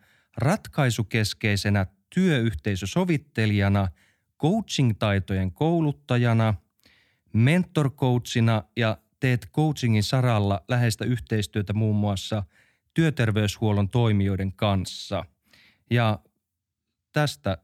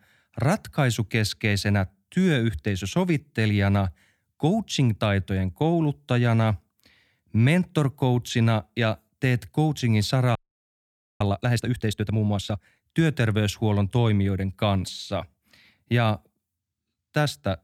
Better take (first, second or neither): first